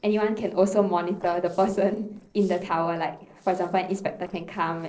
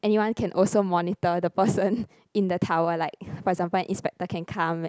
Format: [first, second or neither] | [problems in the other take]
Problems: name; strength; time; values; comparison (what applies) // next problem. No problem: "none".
second | noise reduction (neural separator model SepFormer DNS4)